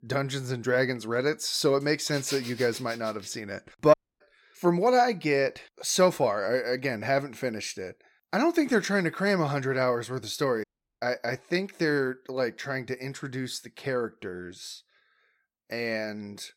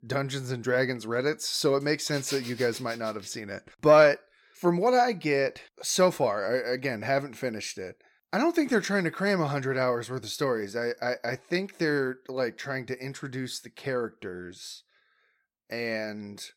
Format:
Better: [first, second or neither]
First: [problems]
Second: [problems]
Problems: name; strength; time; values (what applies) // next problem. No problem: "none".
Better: second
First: audio cutting out; at 4 s and at 11 s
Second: none